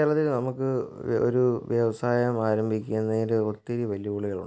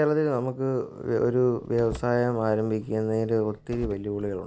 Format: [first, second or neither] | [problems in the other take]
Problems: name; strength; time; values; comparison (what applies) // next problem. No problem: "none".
first | background sound (Car); 17 dB below the speech